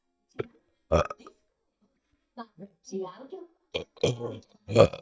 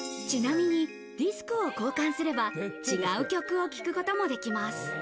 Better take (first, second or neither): second